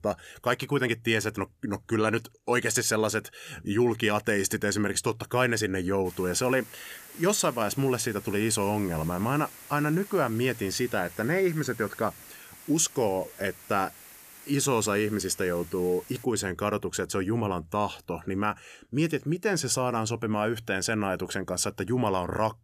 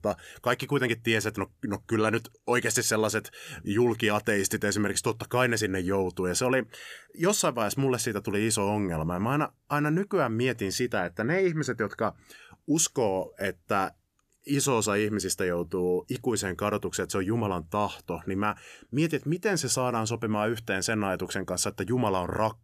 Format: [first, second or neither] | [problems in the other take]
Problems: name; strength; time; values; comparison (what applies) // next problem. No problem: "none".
second | hiss; noticeable; from 6 to 16 s; 20 dB below the speech